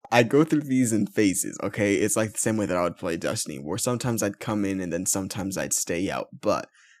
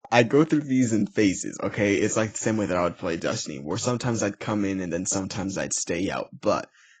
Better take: first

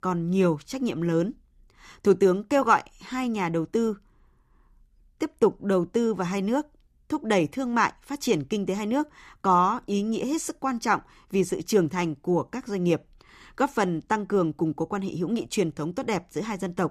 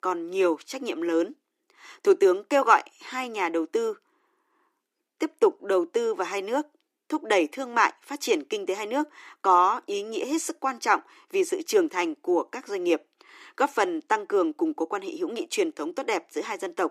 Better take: first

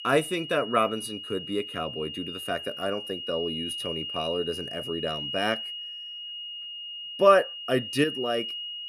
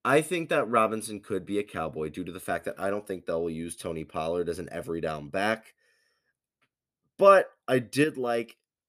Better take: second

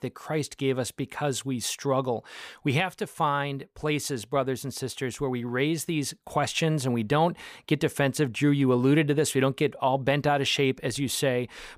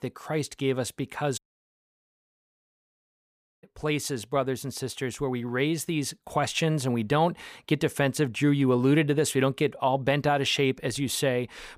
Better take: first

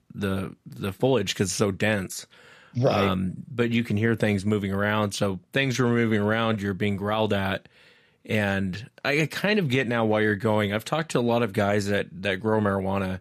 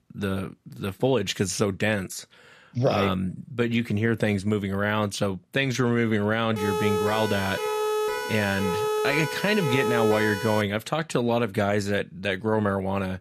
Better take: first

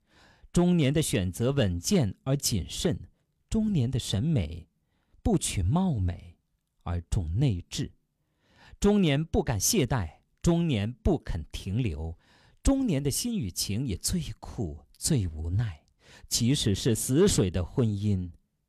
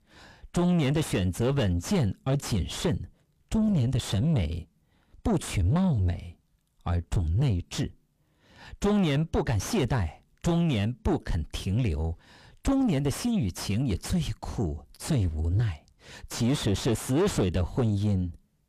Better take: first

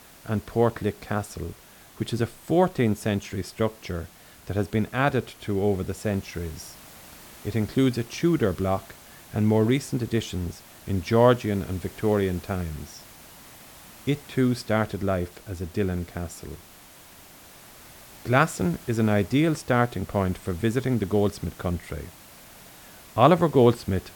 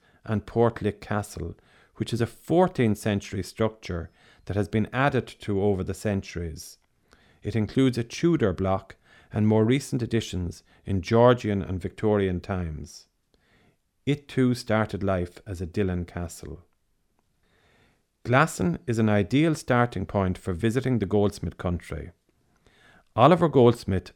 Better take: second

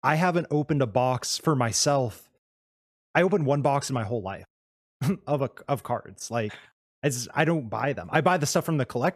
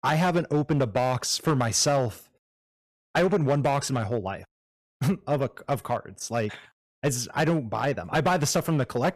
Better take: first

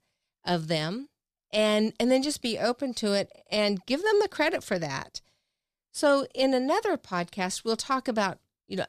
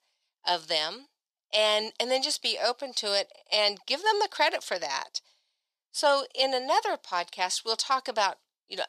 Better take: first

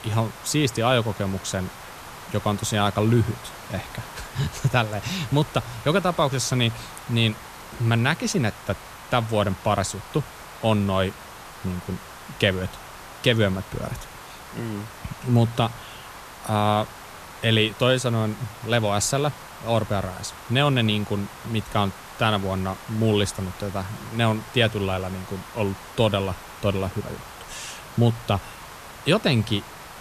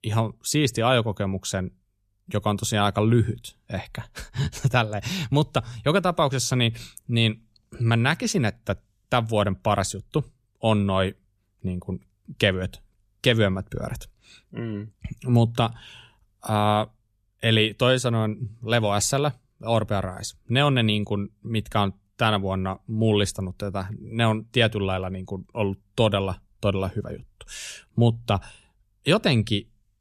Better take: second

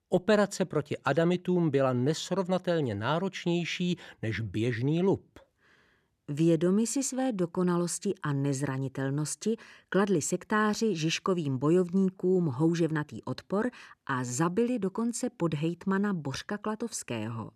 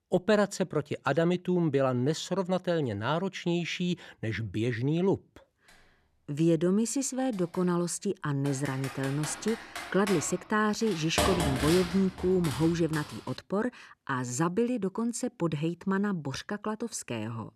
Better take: first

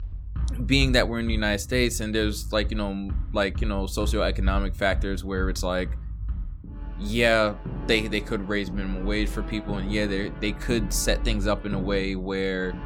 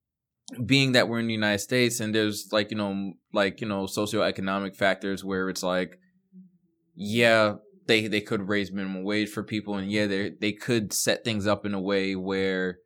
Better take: second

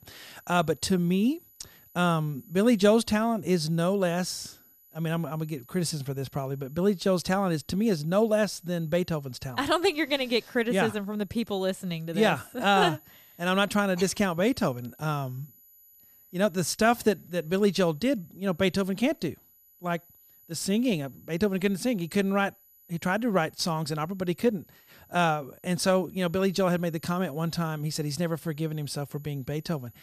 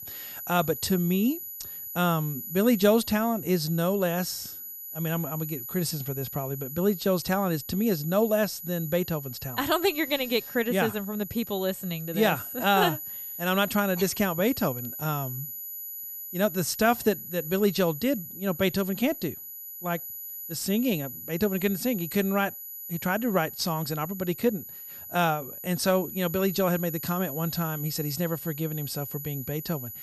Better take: first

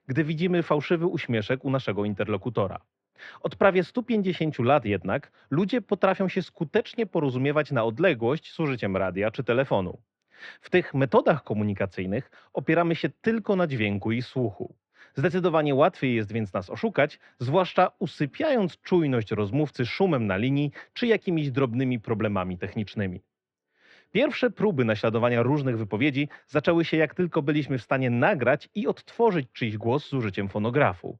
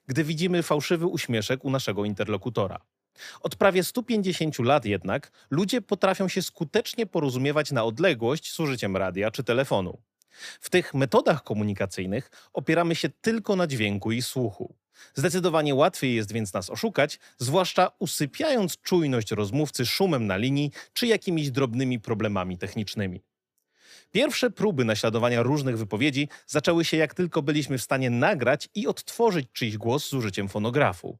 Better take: second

